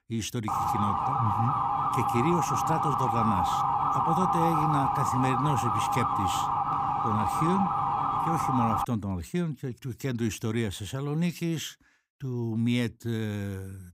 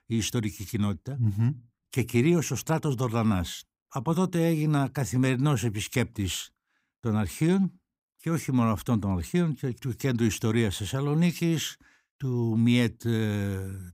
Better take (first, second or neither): second